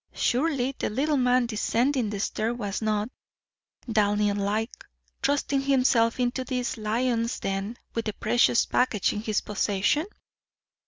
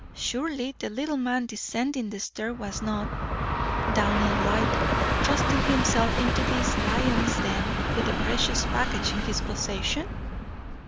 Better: first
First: none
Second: background sound (Train); 3 dB above the speech

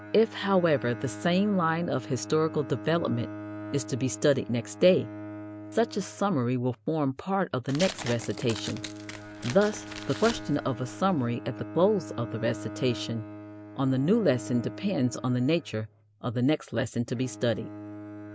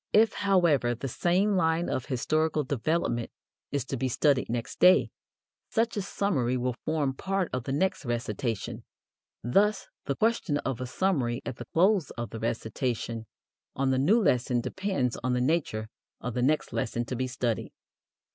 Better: second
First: background sound (Bowed string instrument + Tearing); 13 dB below the speech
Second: none

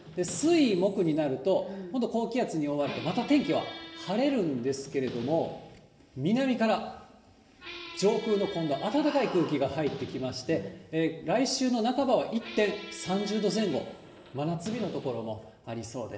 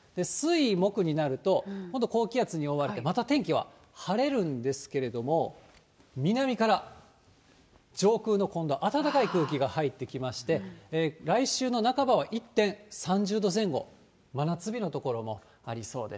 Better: second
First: background sound (Squeak); 17 dB below the speech // room echo; dies away in 1.1 s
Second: none

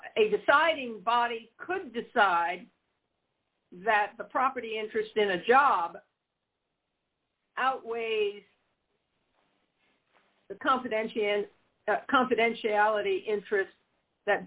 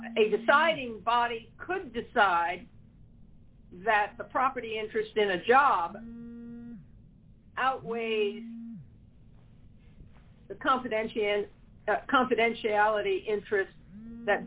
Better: first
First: none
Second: background sound (Telephone); 18 dB below the speech

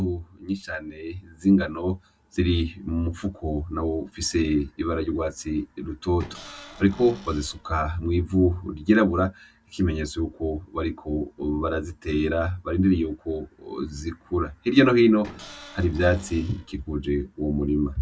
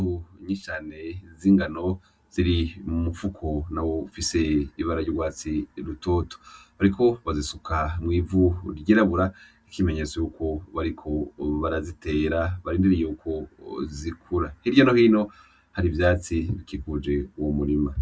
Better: second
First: background sound (Cupboard open or close / Door); 17 dB below the speech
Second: none

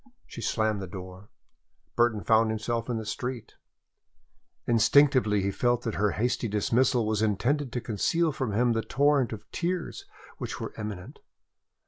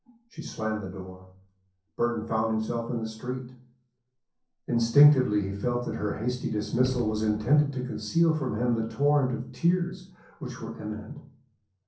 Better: first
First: none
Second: noise reduction (neural separator model SepFormer DNS4)

